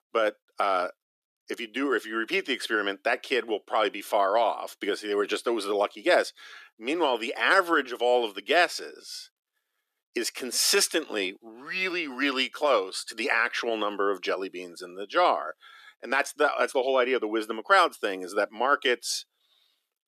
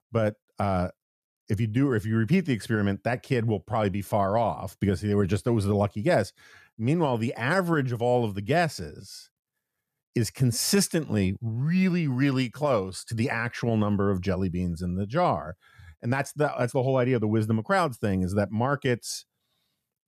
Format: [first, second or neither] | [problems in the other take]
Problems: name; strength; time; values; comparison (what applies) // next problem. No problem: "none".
second | thin; very; fading below 300 Hz